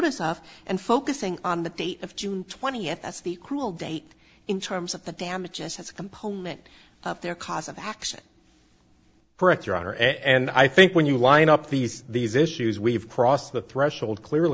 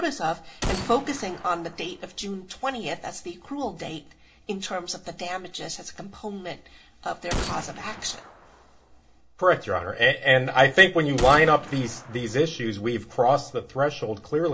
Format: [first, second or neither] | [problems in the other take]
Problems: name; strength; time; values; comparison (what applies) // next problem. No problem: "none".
first | background sound (Gunshot, gunfire); 11 dB below the speech // room echo; dies away in 0.2 s